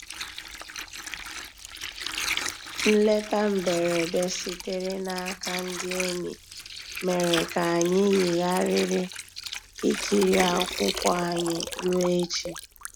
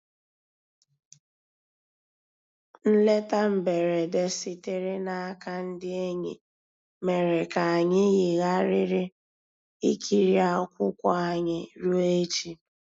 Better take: second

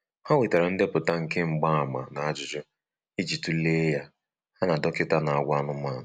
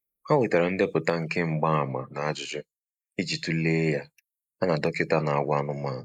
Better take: first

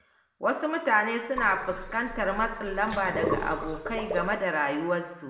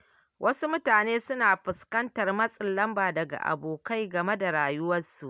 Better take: second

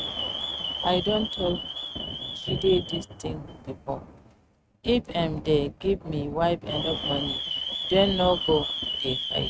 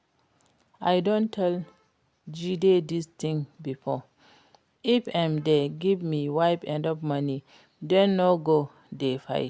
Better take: second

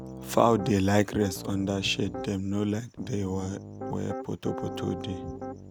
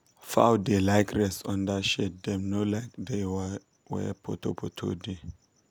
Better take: second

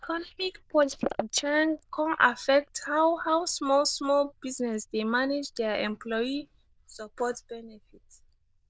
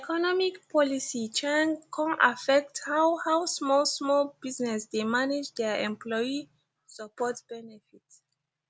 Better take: second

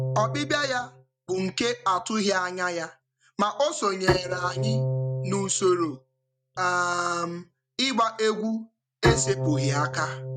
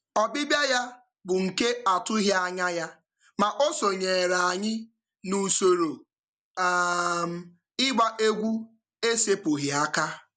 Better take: second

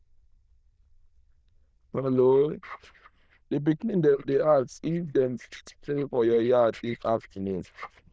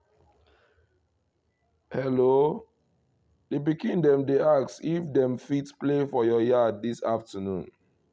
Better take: second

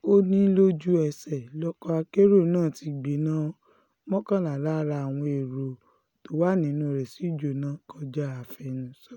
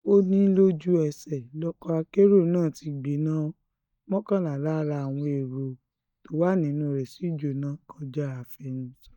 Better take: first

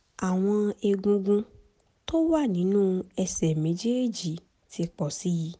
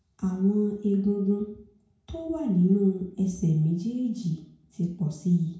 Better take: first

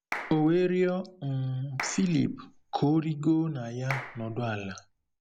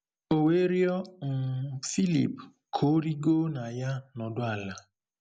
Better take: second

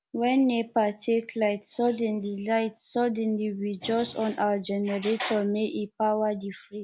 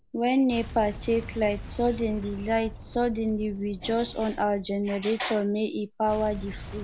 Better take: first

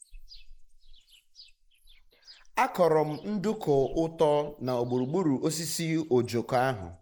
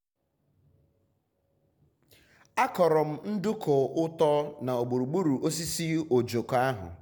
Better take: second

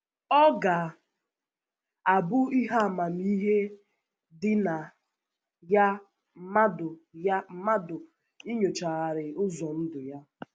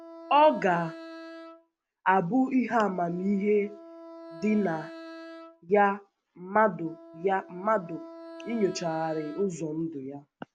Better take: first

